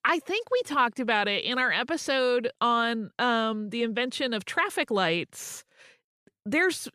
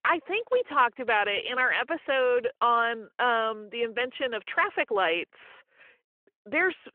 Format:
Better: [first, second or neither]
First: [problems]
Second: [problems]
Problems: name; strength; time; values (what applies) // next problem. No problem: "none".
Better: first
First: none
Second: phone-call audio